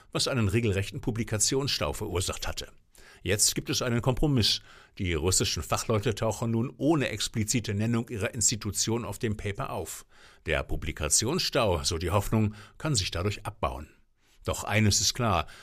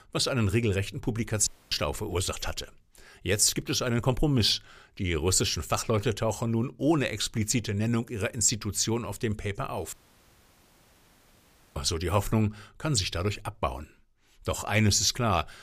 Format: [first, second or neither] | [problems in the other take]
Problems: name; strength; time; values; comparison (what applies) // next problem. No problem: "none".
first | audio cutting out; at 1.5 s and at 10 s for 2 s